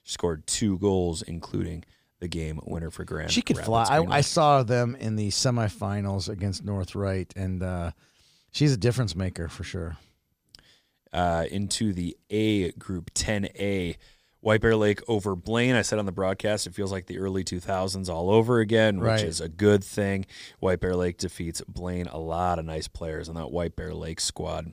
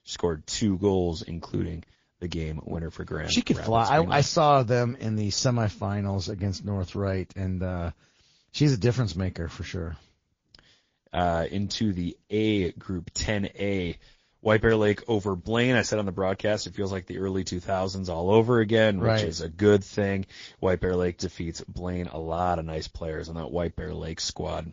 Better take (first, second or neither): first